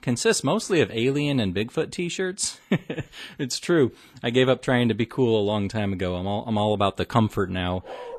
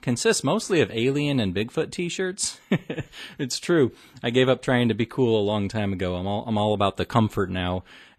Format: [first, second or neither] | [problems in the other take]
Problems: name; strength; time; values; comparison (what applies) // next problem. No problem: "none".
second | dog barking; faint; at 8 s; peak 15 dB below the speech